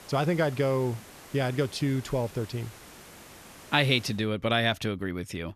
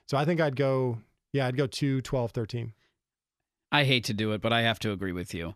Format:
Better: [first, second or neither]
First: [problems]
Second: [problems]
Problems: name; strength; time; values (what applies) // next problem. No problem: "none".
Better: second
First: hiss; noticeable; until 4 s; 20 dB below the speech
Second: none